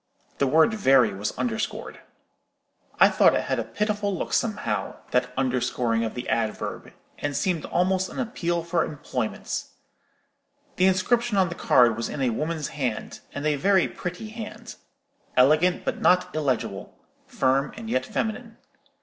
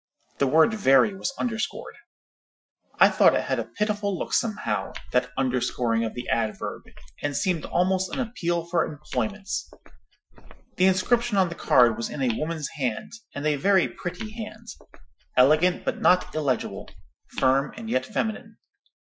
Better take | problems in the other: first | noise reduction (classical method Wiener filter)

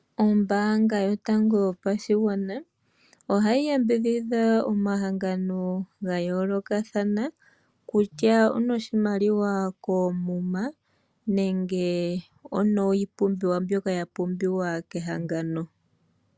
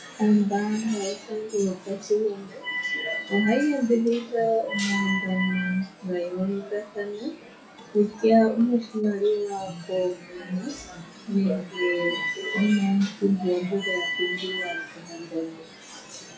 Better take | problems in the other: first | noise reduction (classical method WPE with log-MMSE)

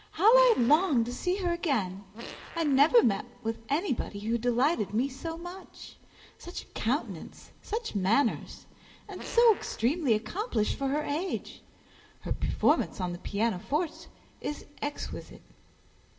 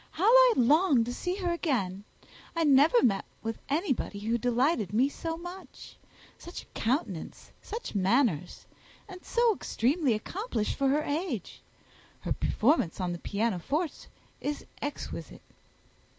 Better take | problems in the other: second | background sound (Fart); 17 dB below the speech // room echo; dies away in 0.5 s

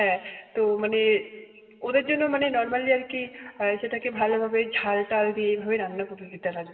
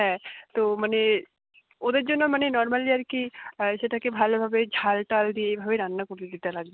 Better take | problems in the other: second | room echo; dies away in 2.9 s

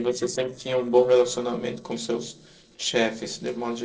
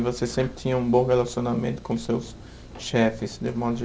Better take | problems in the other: second | noise reduction (neural separator model SepFormer DNS4)

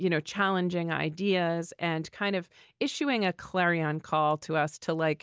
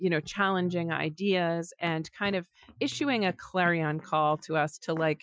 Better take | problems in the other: first | noise reduction (classical method Wiener filter)

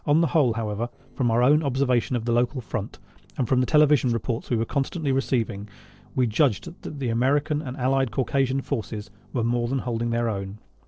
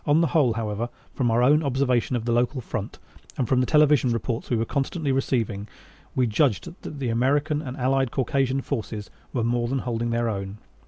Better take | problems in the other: second | noise reduction (neural separator model SepFormer DNS4)

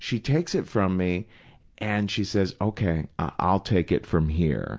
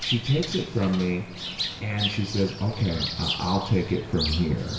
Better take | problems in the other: first | background sound (Bird); 7 dB below the speech // room echo; dies away in 1 s

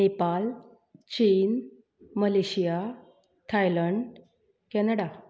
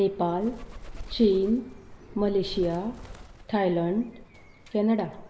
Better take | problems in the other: first | background sound (Bird); 15 dB below the speech // room echo; dies away in 0.7 s

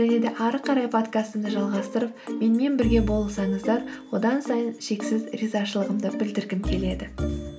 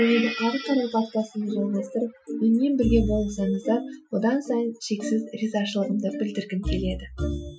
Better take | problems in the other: first | noise reduction (classical method Wiener filter)

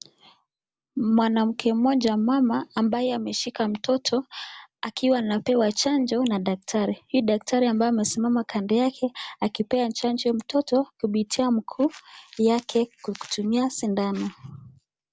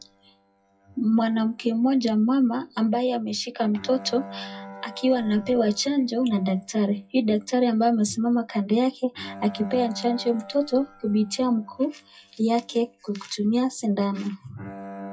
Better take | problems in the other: first | noise reduction (classical method WPE with log-MMSE)

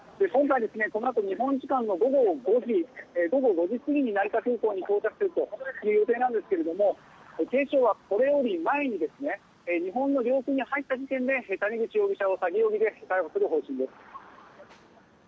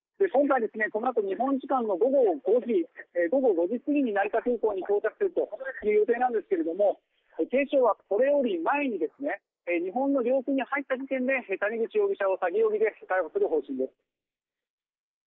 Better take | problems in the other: first | noise reduction (neural mask model Resemble Enhance denoiser)

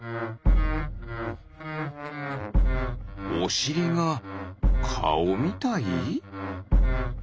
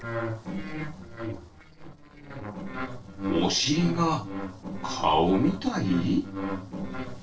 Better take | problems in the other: first | noise reduction (neural separator model SepFormer DNS4)

